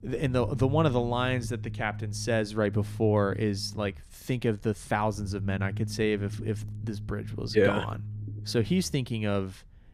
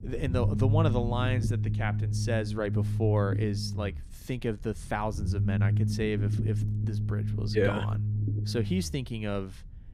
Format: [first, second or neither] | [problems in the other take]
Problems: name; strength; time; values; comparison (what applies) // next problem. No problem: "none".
first | low rumble; loud; throughout; 8 dB below the speech; faint in the first